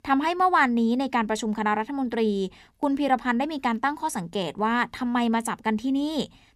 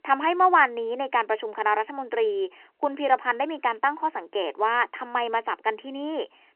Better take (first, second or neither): first